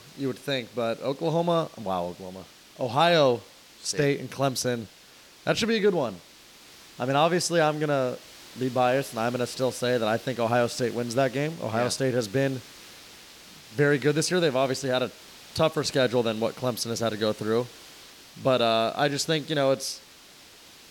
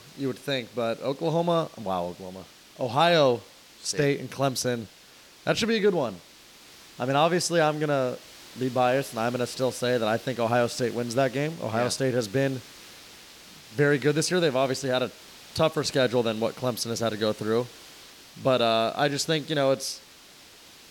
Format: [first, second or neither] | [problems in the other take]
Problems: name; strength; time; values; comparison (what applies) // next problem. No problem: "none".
neither | hiss; faint; throughout; 20 dB below the speech; the same in both